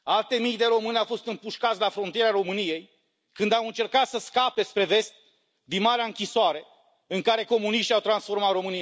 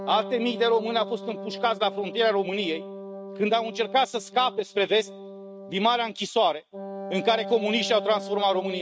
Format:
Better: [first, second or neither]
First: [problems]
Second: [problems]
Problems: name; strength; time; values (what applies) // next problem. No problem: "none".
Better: first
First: none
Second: noise reduction (neural mask model RNNoise)